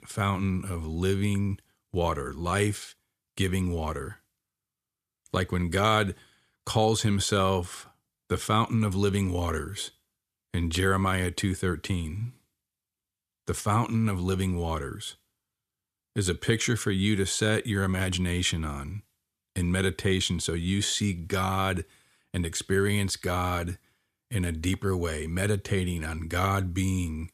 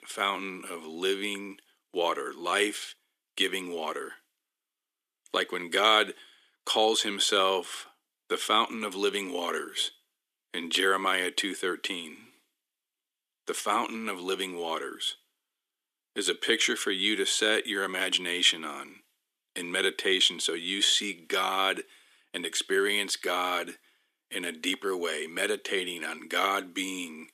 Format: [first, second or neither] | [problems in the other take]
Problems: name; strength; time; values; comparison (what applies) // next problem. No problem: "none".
first | thin; very; fading below 300 Hz